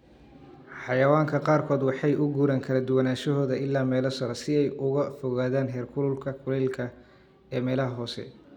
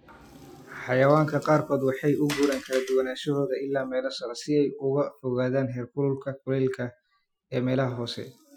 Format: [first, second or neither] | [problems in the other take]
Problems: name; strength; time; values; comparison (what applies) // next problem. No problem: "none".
first | noise reduction (classical method Wiener filter)